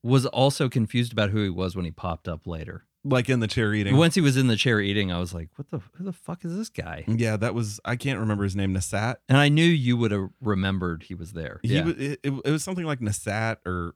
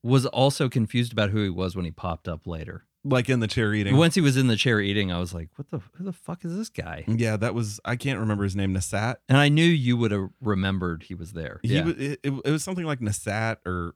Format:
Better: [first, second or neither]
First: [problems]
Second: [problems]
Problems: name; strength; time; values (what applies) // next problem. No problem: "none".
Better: neither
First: none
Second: none